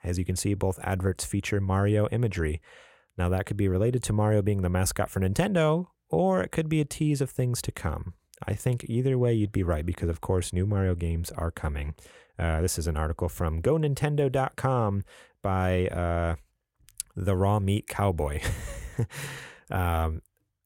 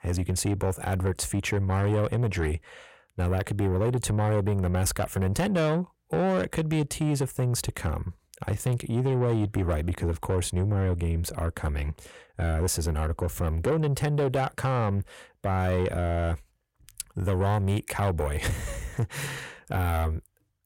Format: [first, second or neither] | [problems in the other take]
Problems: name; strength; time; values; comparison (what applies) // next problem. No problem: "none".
first | distortion; slight; 10 dB below the speech